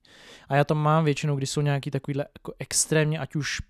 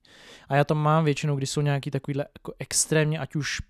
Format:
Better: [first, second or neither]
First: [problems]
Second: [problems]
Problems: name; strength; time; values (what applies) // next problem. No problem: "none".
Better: neither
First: none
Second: none